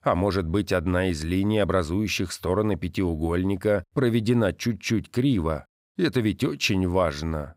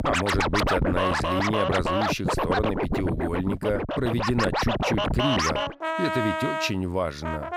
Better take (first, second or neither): first